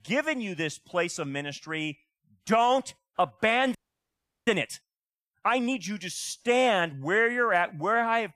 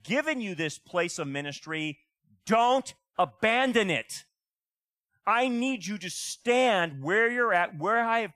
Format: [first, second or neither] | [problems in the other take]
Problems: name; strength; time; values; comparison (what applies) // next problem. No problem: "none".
second | audio freezing; at 4 s for 0.5 s